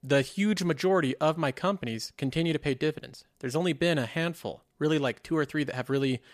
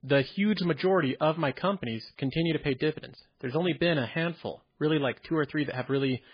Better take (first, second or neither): first